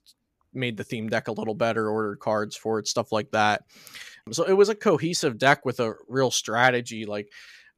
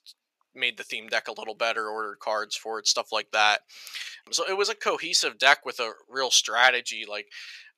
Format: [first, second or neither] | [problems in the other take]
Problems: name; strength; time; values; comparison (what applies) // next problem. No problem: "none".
first | thin; very; fading below 700 Hz